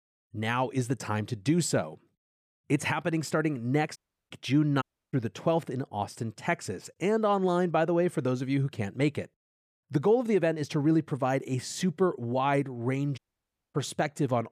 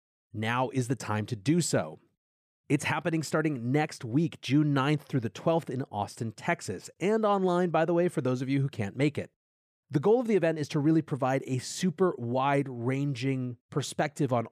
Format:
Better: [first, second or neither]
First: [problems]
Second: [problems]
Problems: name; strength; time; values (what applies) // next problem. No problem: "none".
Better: second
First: audio cutting out; at 4 s, at 5 s and at 13 s for 0.5 s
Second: none